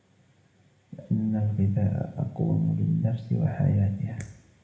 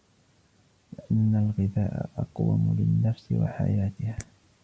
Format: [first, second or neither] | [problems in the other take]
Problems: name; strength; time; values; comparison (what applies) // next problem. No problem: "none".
second | room echo; dies away in 0.9 s